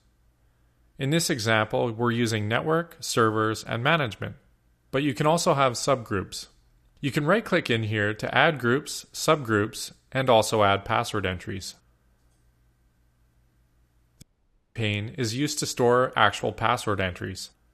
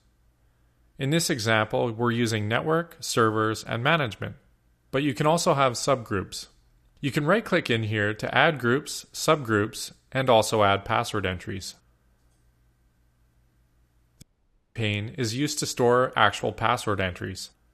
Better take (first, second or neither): neither